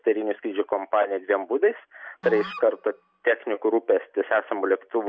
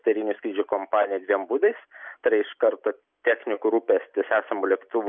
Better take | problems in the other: second | background sound (Musical instrument); 19 dB below the speech

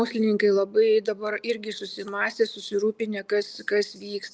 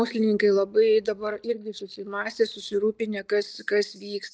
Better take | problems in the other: first | noise reduction (neural mask model DeepFilterNet 3)

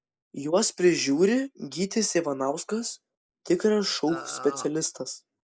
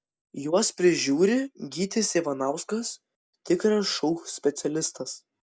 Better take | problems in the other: second | noise reduction (neural mask model Resemble Enhance denoiser)

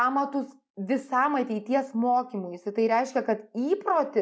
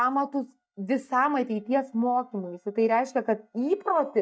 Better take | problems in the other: first | noise reduction (neural mask model DeepFilterNet 3)

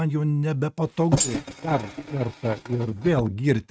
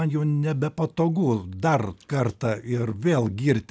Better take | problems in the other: second | noise reduction (neural mask model RNNoise)

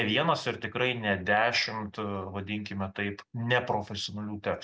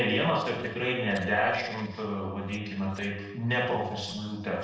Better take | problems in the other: first | noise reduction (neural separator model SepFormer DNS4)

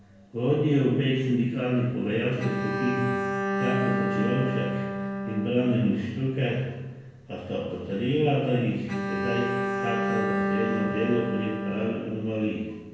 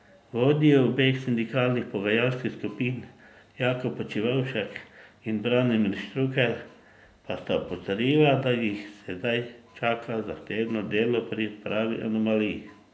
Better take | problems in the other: second | background sound (Bowed string instrument); 4 dB below the speech // room echo; dies away in 1 s

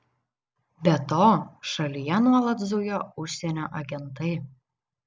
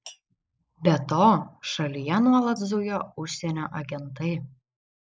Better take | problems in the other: first | noise reduction (neural mask model Resemble Enhance denoiser)

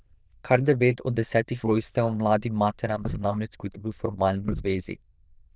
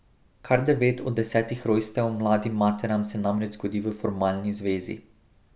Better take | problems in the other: second | noise reduction (neural diffusion model UNIVERSE++)

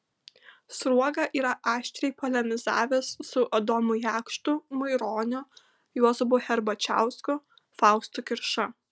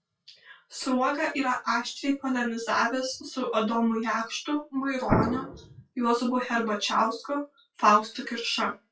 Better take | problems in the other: first | noise reduction (classical method WPE with log-MMSE)

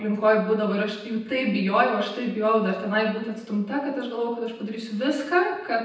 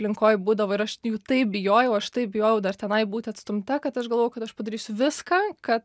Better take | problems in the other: second | room echo; dies away in 0.9 s

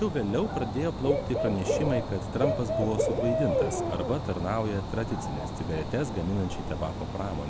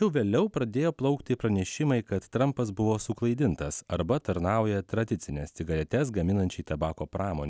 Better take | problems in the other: second | background sound (Bird / Dog); as loud as the speech

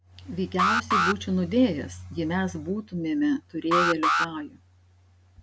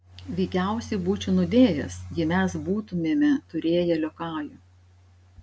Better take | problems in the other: second | background sound (Alarm); as loud as the speech

